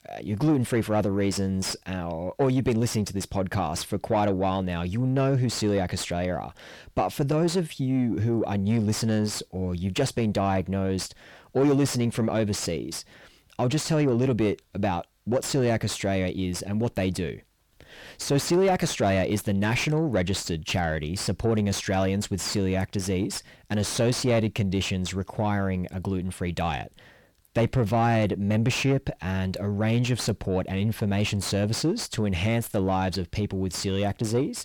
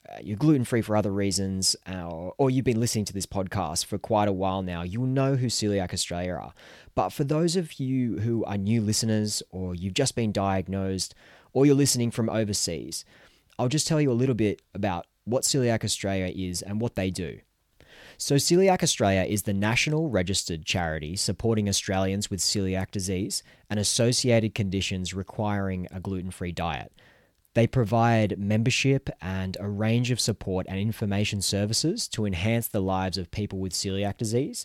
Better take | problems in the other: second | distortion; slight; 10 dB below the speech

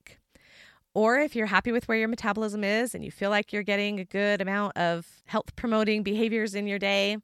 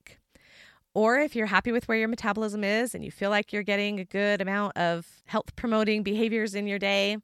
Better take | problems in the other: neither | none

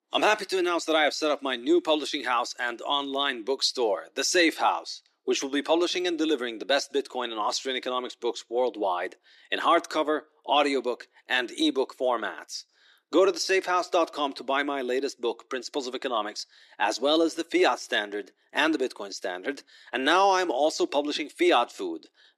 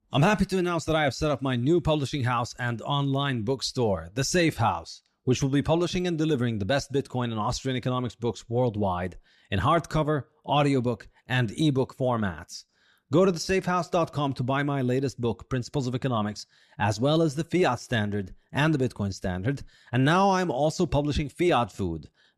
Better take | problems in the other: second | thin; somewhat; fading below 300 Hz

